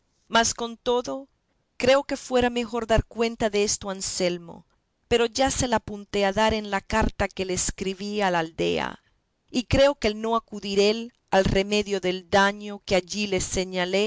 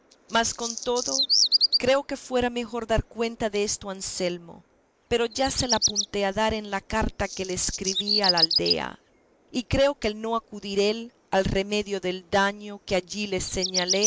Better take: first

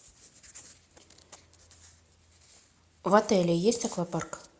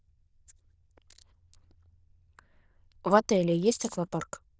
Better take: first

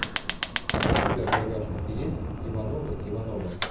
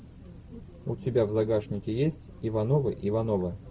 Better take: second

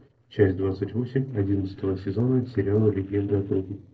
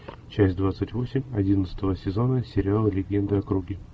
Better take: second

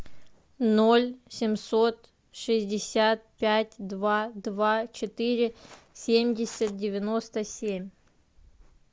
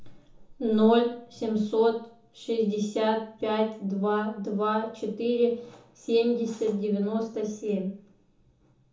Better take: first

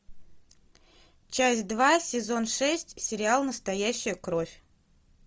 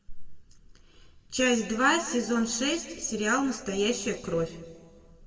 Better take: first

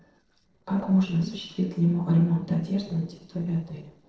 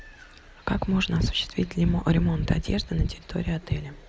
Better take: second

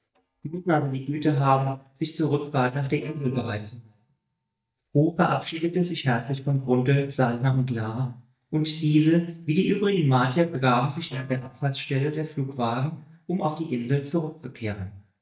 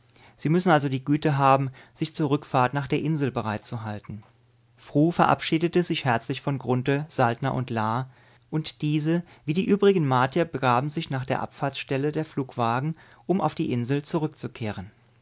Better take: second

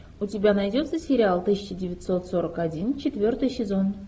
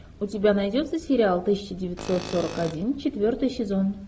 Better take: first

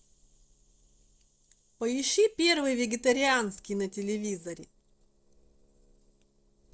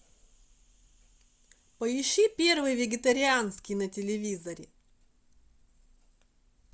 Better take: second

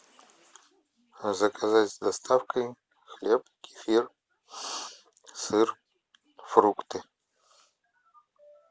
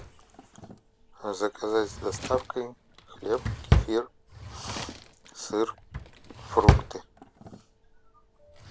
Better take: first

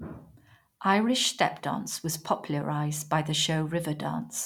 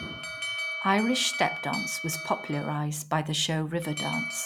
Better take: first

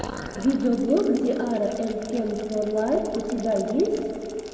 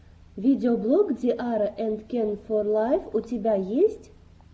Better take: second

